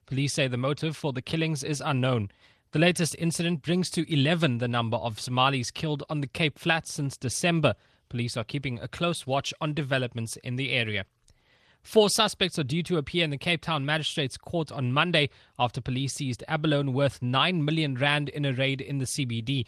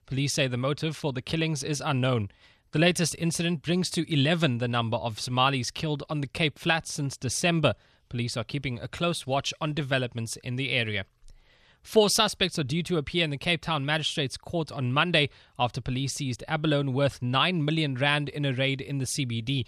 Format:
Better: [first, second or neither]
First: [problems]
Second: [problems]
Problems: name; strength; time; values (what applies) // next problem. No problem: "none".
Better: second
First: garbled, watery; slightly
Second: none